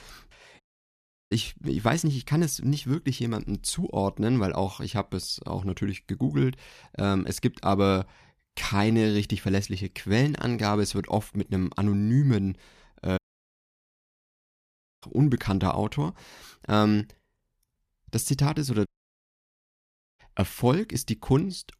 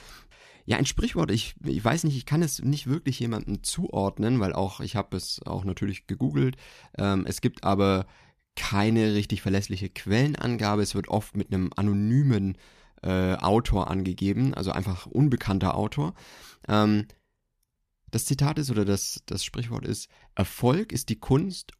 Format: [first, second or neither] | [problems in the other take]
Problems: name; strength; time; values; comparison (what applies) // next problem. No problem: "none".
second | audio cutting out; at 0.5 s for 0.5 s, at 13 s for 2 s and at 19 s for 1.5 s